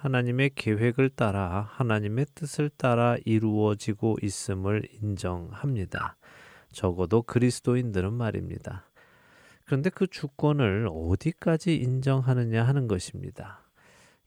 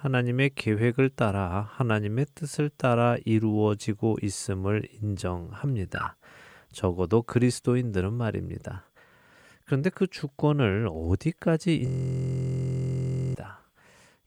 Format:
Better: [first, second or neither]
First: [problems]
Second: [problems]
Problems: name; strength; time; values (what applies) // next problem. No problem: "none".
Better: first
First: none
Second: audio freezing; at 12 s for 1.5 s